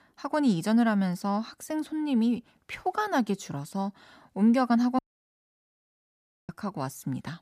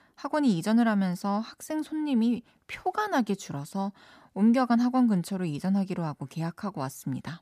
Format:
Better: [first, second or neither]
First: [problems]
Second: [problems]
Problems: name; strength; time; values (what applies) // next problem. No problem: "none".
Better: second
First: audio cutting out; at 5 s for 1.5 s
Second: none